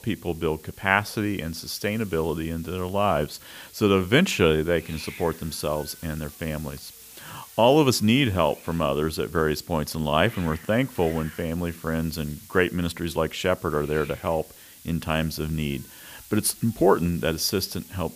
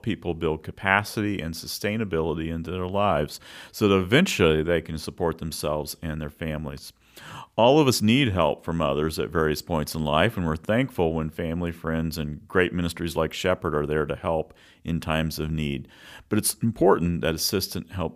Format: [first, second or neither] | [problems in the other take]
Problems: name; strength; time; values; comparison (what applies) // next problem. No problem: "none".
second | hiss; noticeable; throughout; 20 dB below the speech